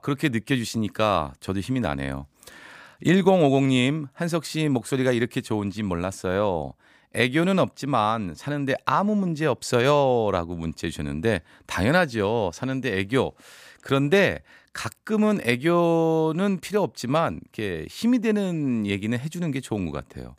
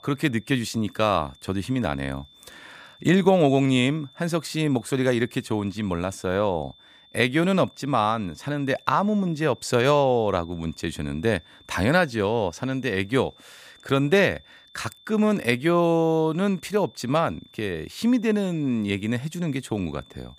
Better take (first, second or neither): first